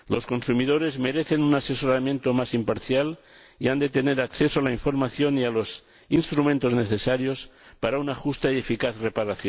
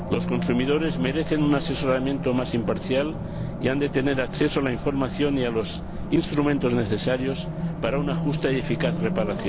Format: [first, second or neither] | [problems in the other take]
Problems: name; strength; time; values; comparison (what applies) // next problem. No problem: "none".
first | background sound (Race car, auto racing); 5 dB below the speech